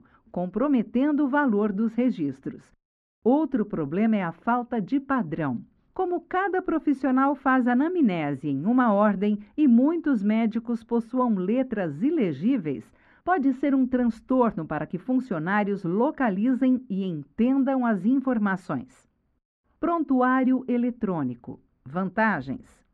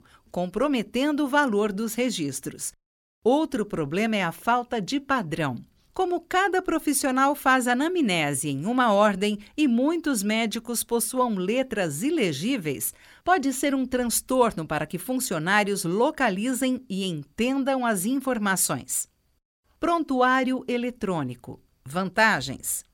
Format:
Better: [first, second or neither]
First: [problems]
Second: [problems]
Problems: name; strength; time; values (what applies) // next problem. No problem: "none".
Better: second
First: muffled; very; fading above 1.5 kHz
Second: none